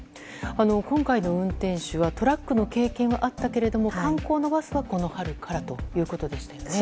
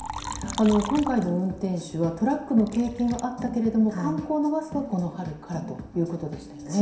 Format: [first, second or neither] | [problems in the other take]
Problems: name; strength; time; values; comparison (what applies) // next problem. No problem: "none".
first | background sound (Liquid); 15 dB below the speech // room echo; dies away in 0.7 s